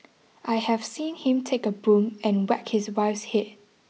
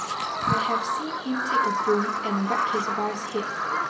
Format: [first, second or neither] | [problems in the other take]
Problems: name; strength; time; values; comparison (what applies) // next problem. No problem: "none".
first | background sound (Bird vocalization, bird call, bird song); 4 dB above the speech // room echo; dies away in 1.3 s